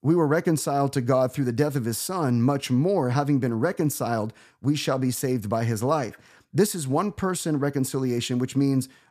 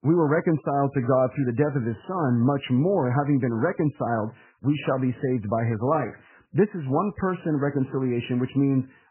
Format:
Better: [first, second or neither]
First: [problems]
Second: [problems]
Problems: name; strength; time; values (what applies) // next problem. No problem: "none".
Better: first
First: none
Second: garbled, watery; badly; nothing above 3 kHz